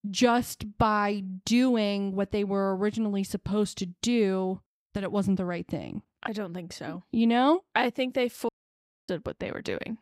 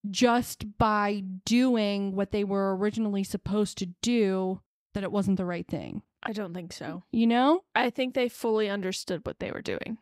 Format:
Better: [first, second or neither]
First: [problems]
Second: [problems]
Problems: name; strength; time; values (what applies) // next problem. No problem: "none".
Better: second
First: audio cutting out; at 8.5 s for 0.5 s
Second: none